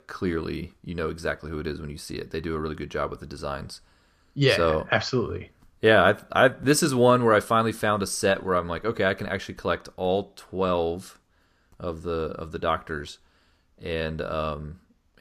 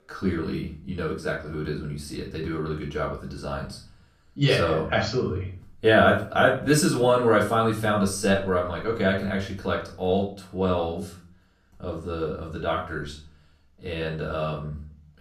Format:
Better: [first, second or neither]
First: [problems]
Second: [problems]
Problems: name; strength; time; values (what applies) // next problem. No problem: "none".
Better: first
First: none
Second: off-mic speech; far // room echo; slight; dies away in 0.4 s